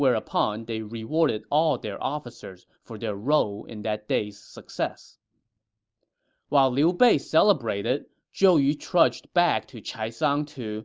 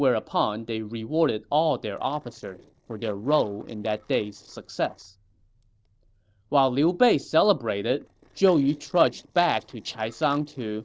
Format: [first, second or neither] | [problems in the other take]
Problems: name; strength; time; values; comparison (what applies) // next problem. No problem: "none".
first | noise reduction (neural separator model SepFormer DNS4)